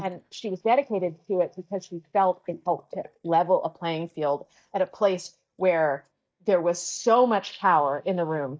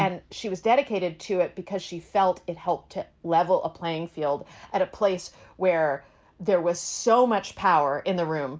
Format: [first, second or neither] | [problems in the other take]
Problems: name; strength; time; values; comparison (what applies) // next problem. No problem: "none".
second | noise reduction (neural mask model DeepFilterNet 3)